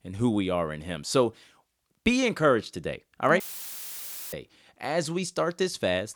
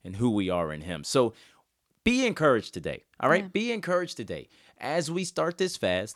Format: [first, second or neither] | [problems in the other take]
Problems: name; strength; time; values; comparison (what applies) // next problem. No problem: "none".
second | audio cutting out; filled with static; at 3.5 s for 1 s